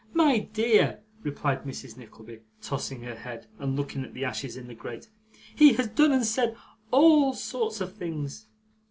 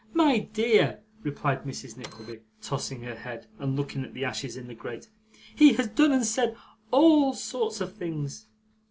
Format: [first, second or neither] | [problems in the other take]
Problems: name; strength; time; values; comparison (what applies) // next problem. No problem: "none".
first | background sound (Printer); 15 dB below the speech